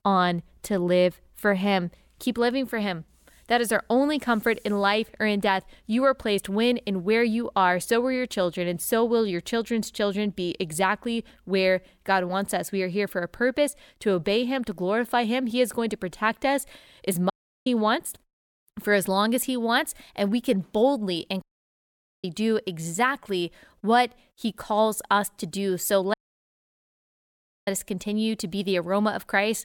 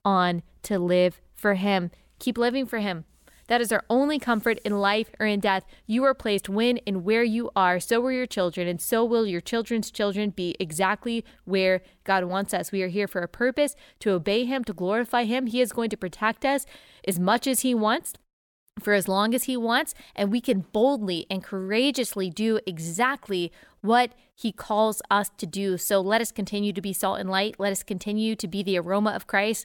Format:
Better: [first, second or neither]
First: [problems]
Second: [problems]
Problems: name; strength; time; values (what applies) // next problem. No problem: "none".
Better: second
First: audio cutting out; at 17 s, at 21 s for 1 s and at 26 s for 1.5 s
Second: none